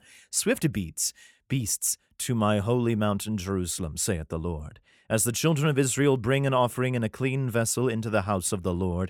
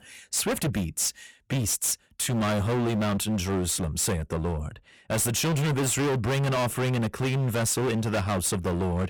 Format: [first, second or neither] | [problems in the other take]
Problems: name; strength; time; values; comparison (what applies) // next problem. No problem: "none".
first | distortion; heavy; 30% of the sound clipped